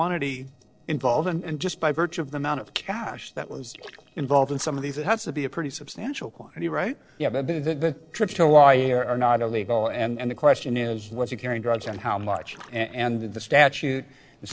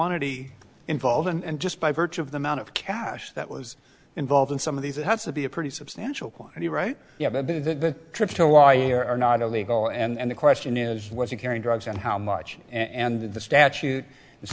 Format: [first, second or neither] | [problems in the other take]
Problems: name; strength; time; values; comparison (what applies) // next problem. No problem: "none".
second | noise reduction (neural separator model SepFormer DNS4)